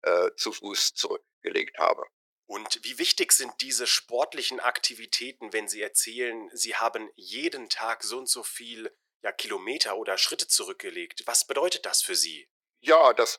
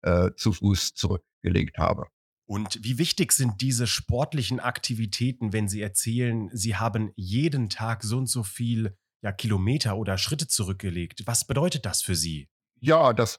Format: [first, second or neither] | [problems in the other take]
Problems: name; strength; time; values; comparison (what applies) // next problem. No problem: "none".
second | thin; very; fading below 350 Hz